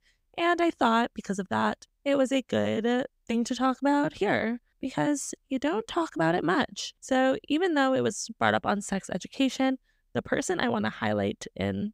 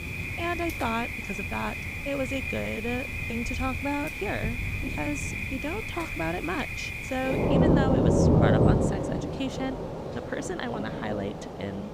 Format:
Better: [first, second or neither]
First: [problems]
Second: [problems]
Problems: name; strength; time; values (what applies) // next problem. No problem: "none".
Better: first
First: none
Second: rain or running water; very loud; throughout; 5 dB above the speech